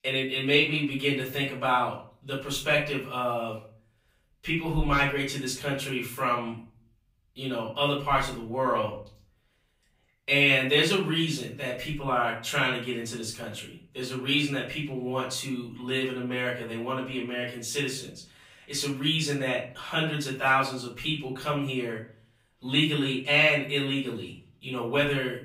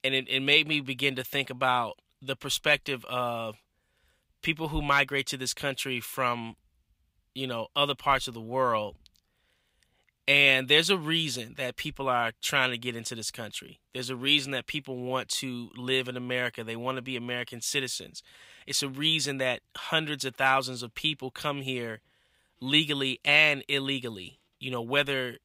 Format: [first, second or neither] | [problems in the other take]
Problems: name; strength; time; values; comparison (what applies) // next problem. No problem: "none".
second | off-mic speech; far // room echo; noticeable; dies away in 0.5 s